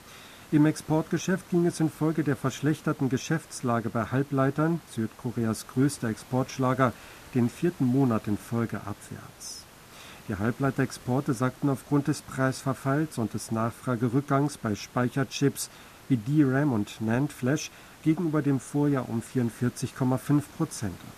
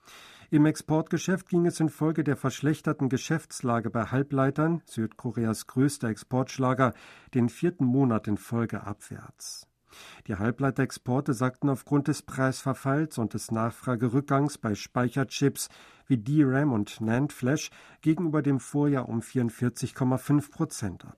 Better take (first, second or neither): second